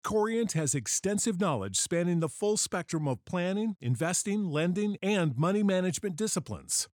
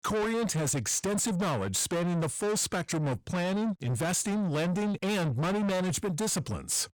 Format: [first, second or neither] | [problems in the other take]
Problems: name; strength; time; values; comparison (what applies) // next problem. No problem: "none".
first | distortion; heavy; 7 dB below the speech